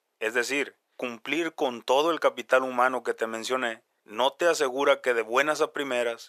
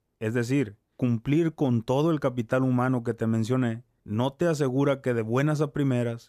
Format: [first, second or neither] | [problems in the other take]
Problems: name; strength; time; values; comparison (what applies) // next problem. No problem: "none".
second | thin; very; fading below 500 Hz